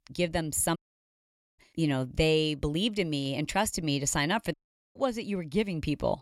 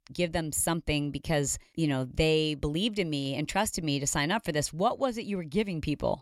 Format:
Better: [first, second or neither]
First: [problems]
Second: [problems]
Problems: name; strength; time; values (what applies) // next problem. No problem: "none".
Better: second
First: audio cutting out; at 1 s for 1 s and at 4.5 s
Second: none